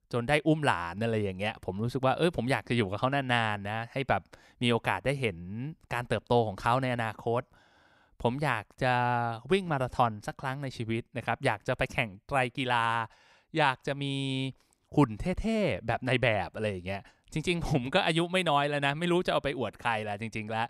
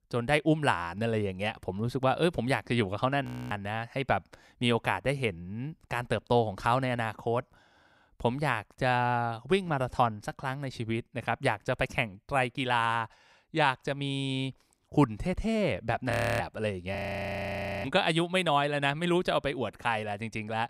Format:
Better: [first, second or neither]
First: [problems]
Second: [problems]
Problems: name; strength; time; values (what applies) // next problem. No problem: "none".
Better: first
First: none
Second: audio freezing; at 3.5 s, at 16 s and at 17 s for 1 s